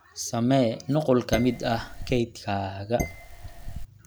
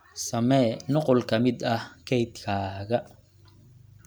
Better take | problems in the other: second | background sound (Dishes, pots, and pans); 7 dB below the speech

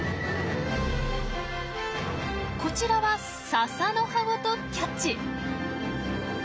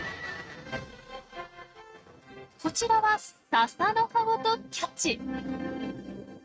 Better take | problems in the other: first | noise reduction (neural mask model RNNoise)

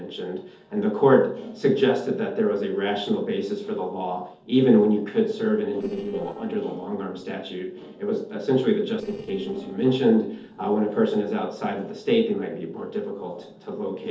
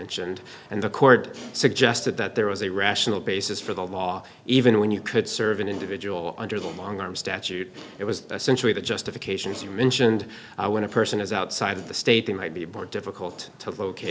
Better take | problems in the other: second | noise reduction (neural separator model SepFormer DNS4)

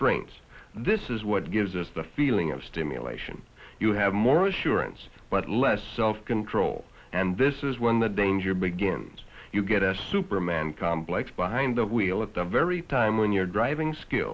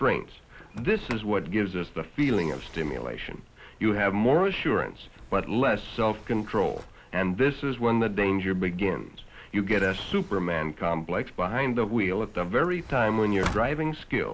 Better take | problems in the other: first | background sound (Sliding door); 18 dB below the speech

